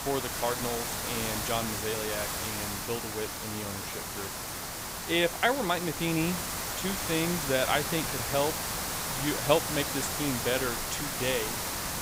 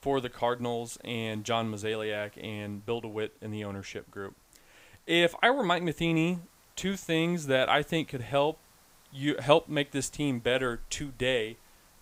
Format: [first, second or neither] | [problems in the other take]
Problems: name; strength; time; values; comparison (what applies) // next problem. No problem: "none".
second | hiss; loud; throughout; 1 dB below the speech; faint in the second